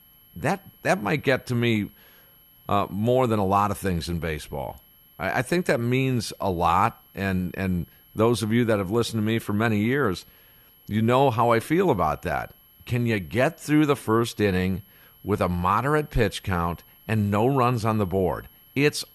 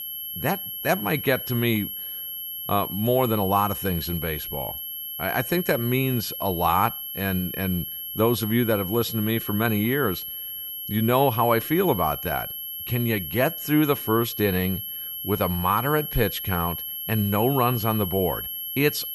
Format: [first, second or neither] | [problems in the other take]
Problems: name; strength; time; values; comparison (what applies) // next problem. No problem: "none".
first | high-pitched whine; loud; throughout; 11.5 kHz, 6 dB below the speech; faint in the first